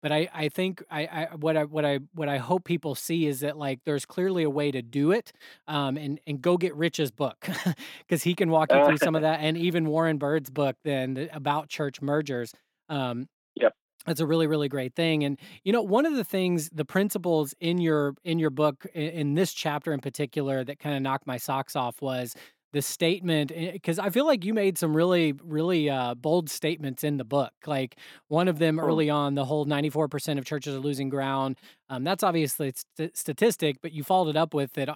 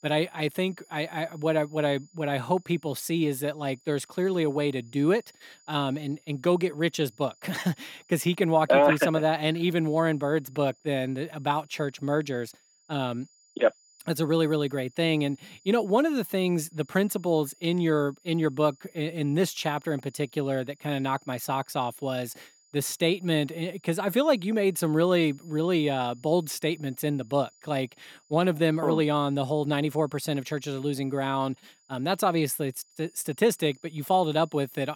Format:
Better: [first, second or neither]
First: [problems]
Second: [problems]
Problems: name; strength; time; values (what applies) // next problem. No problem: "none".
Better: first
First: none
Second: high-pitched whine; faint; throughout; 7 kHz, 30 dB below the speech